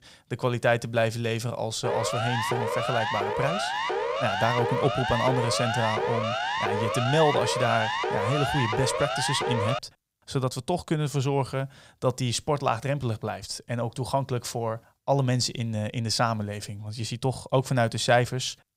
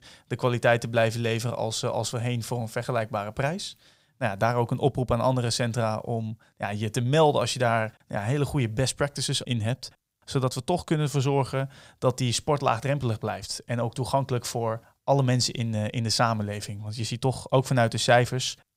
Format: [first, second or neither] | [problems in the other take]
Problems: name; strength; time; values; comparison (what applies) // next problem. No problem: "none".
second | siren; loud; from 2 to 10 s; peak level with the speech